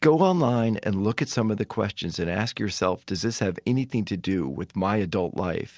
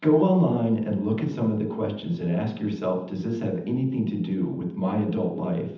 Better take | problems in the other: first | room echo; dies away in 0.8 s

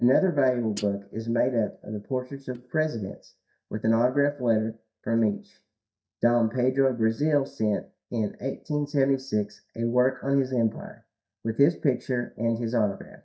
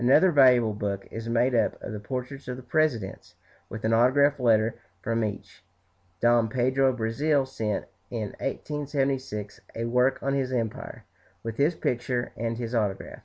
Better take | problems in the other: second | noise reduction (neural mask model DeepFilterNet 3)

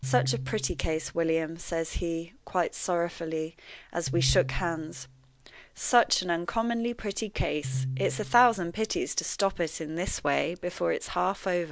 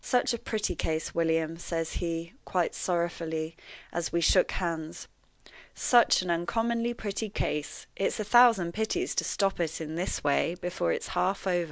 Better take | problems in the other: second | background sound (Piano); 8 dB below the speech

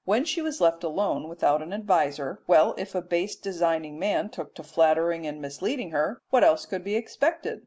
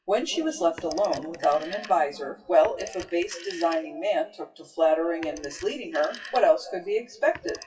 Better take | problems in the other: first | noise reduction (classical method WPE with log-MMSE)

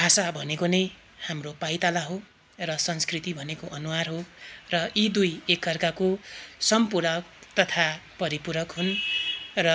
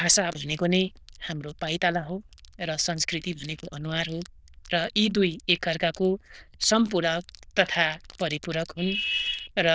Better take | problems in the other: first | noise reduction (neural diffusion model UNIVERSE++)

